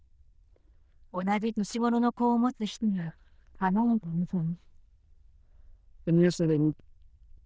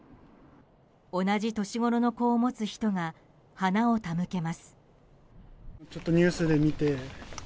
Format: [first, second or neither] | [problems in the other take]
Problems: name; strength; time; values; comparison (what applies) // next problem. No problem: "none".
second | noise reduction (neural diffusion model UNIVERSE++)